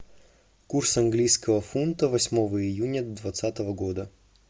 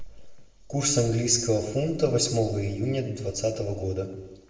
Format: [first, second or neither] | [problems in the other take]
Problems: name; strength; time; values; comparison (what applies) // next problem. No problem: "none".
first | noise reduction (neural separator model SepFormer DNS4)